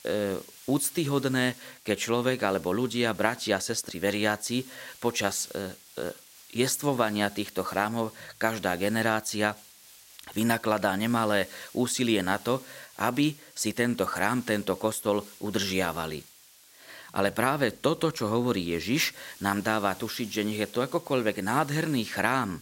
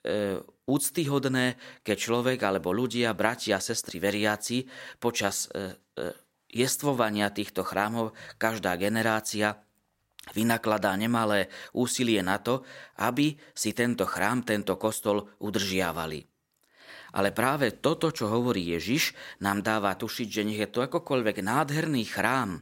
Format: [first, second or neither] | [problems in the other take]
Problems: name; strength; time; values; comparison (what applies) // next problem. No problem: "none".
second | hiss; faint; throughout; 20 dB below the speech